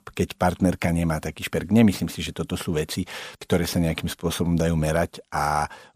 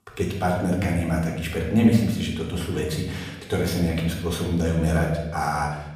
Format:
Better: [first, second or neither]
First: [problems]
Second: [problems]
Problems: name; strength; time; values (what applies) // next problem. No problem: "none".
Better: first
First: none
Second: off-mic speech; far // room echo; noticeable; dies away in 1 s